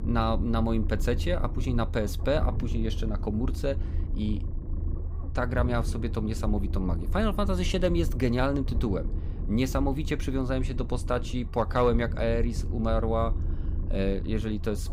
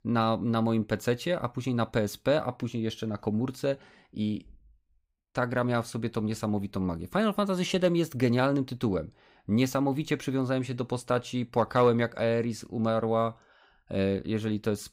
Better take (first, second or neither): second